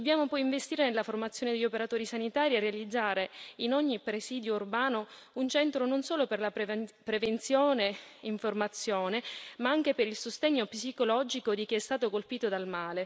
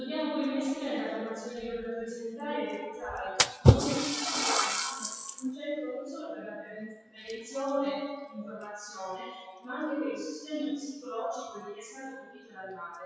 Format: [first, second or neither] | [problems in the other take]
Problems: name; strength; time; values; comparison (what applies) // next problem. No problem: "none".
first | noise reduction (classical method WPE with log-MMSE)